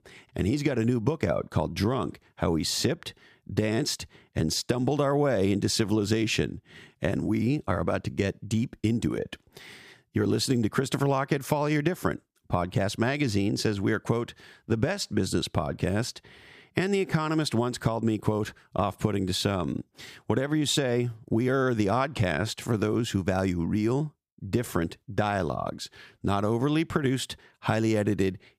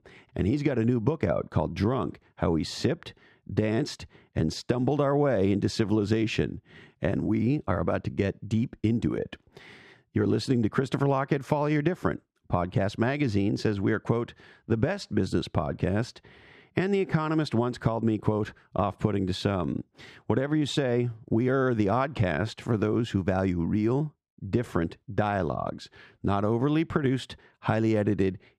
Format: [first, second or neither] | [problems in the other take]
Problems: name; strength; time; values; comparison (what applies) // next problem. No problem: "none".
first | muffled; very slightly; fading above 2 kHz